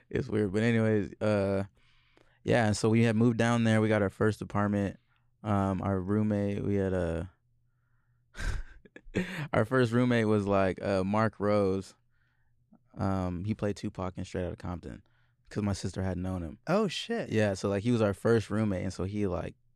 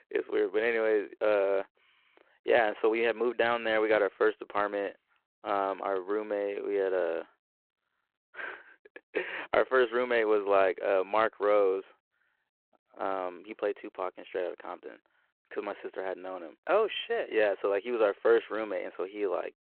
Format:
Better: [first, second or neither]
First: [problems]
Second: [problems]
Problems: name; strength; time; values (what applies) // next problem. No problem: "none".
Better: first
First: none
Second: phone-call audio